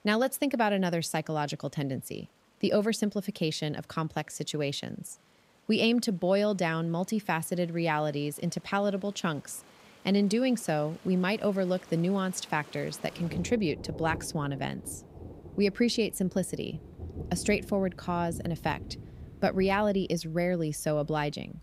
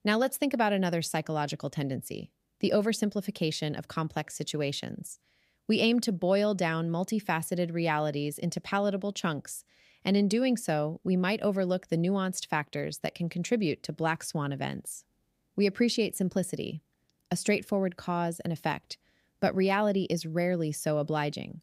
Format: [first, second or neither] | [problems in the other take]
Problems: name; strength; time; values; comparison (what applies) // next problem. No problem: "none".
second | rain or running water; noticeable; throughout; 15 dB below the speech